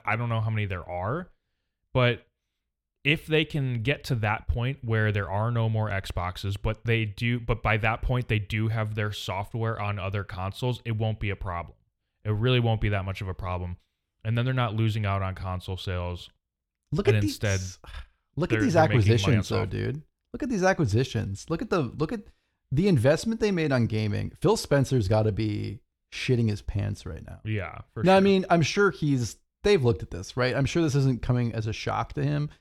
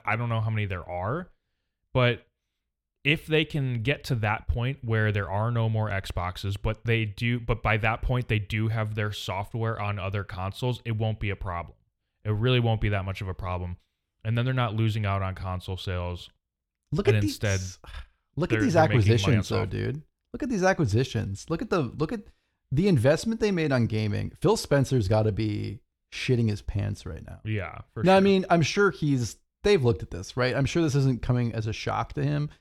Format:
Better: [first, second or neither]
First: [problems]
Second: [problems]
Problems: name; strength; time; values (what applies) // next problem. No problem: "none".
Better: neither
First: none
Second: none